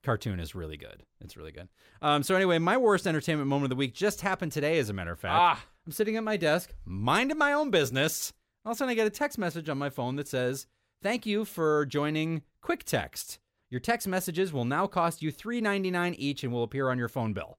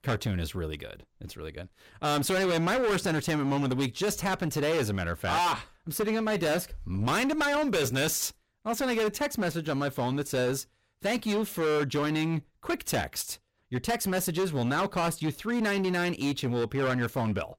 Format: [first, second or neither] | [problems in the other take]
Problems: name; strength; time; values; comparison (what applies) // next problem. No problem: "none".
first | distortion; heavy; 19% of the sound clipped